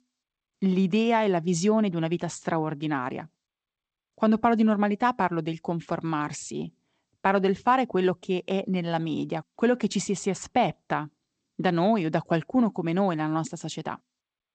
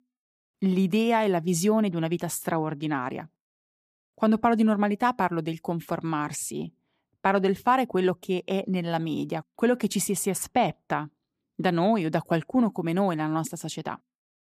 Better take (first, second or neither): second